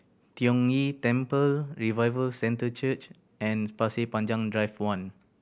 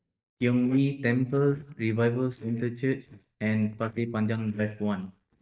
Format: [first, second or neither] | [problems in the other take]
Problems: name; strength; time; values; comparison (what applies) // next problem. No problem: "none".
first | noise reduction (neural mask model DeepFilterNet 3)